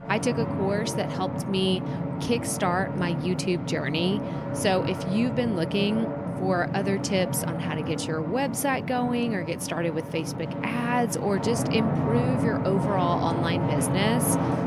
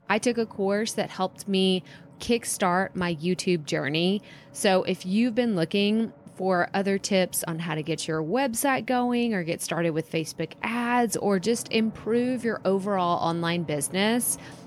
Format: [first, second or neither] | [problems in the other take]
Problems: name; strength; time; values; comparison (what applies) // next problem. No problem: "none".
second | background music; loud; throughout; 2 dB below the speech; faint in the second